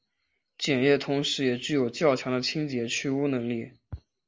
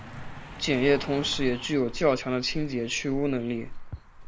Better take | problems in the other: first | background sound (Car passing by); 10 dB below the speech

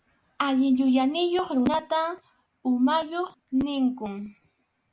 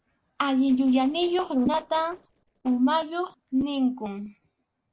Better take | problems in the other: first | noise reduction (neural separator model SepFormer DNS4)

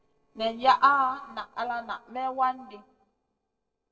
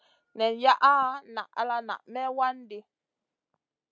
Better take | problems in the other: second | noise reduction (neural separator model SepFormer DNS4)

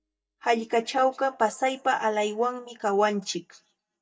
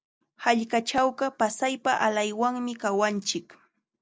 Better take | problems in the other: second | noise reduction (neural mask model DeepFilterNet 3)

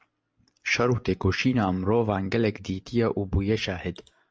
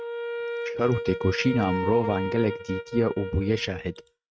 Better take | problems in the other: first | noise reduction (neural mask model RNNoise)

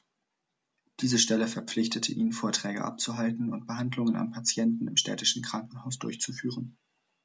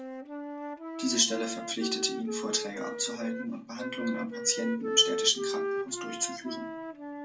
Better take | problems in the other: first | background sound (Wind instrument, woodwind instrument); 4 dB below the speech // room echo; dies away in 0.2 s

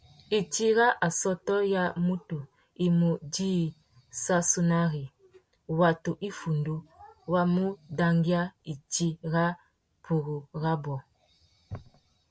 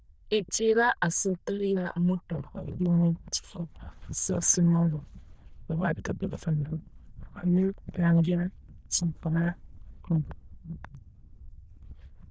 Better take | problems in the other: first | noise reduction (neural diffusion model UNIVERSE++)

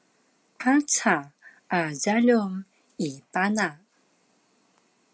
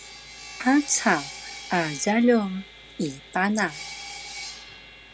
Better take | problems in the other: first | background sound (Sawing); 14 dB below the speech

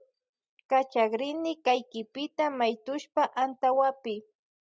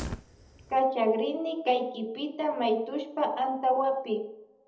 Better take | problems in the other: first | background sound (Fire); 19 dB below the speech // room echo; dies away in 0.9 s

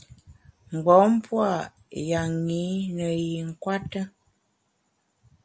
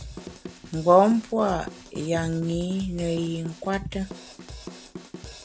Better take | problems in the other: first | background sound (Drum kit); 15 dB below the speech

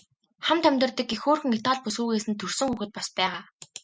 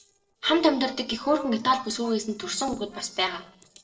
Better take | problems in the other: first | noise reduction (neural separator model SepFormer DNS4)

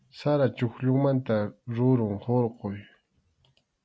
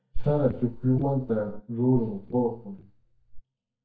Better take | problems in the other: first | noise reduction (neural mask model DeepFilterNet 3)

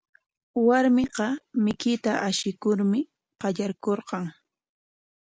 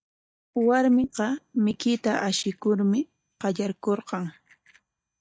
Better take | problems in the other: first | noise reduction (neural mask model DeepFilterNet 3)

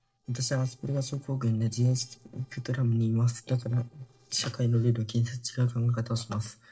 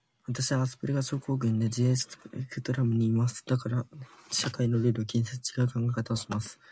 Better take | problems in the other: second | noise reduction (neural separator model SepFormer DNS4)

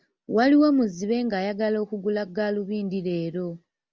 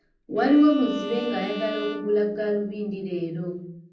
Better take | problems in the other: first | background sound (Bowed string instrument); 12 dB below the speech // room echo; dies away in 0.6 s

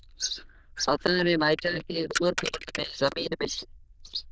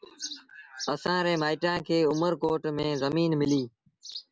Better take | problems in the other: second | noise reduction (neural diffusion model UNIVERSE++)

